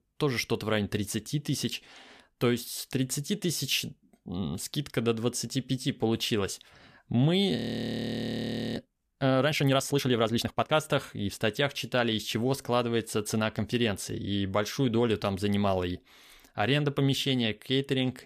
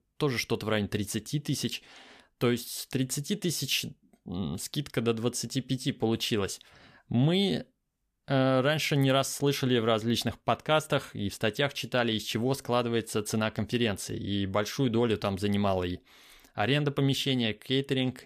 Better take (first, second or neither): second